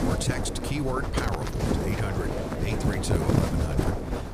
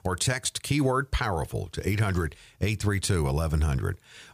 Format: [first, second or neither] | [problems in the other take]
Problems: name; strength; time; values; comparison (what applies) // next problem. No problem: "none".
second | wind noise on the microphone; heavy; 2 dB above the speech